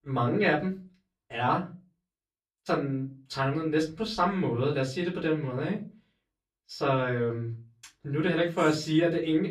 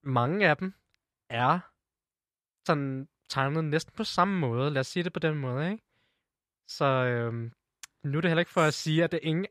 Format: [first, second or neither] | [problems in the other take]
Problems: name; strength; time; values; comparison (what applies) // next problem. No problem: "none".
second | off-mic speech; far // room echo; very slight; dies away in 0.3 s